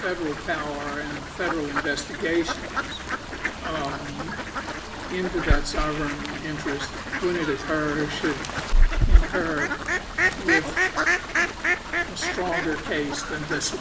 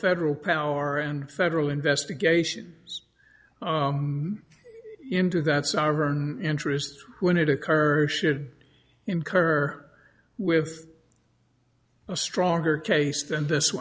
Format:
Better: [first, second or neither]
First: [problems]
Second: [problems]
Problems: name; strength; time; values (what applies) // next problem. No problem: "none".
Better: second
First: background sound (Fowl); 4 dB above the speech // room echo; dies away in 2.6 s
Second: none